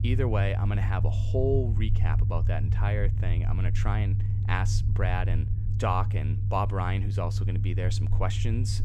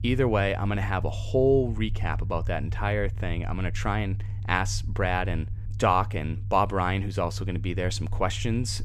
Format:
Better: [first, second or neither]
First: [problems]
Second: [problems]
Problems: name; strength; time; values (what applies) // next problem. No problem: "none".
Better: second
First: low rumble; loud; throughout; 9 dB below the speech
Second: low rumble; faint; throughout; 20 dB below the speech